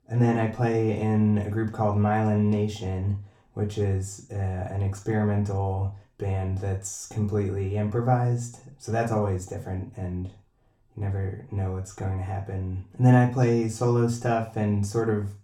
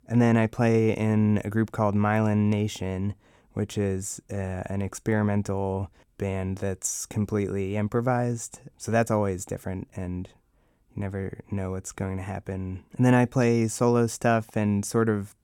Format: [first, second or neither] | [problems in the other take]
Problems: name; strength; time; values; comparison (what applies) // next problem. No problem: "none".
second | room echo; slight; dies away in 0.3 s // off-mic speech; far